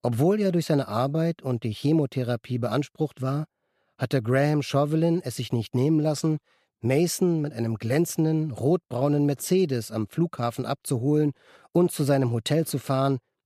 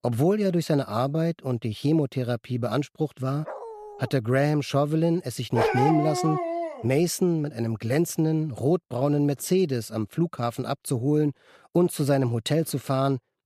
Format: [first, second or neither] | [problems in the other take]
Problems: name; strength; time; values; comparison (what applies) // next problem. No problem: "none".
first | dog barking; faint; at 3.5 s; peak 10 dB below the speech // dog barking; loud; from 5.5 to 7 s; peak 2 dB above the speech